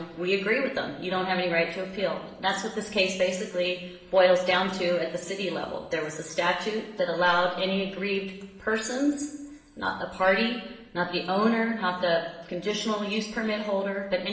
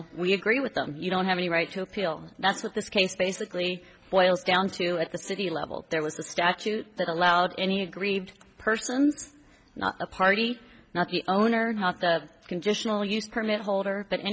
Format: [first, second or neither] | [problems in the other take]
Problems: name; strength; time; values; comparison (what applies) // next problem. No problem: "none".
second | room echo; dies away in 1 s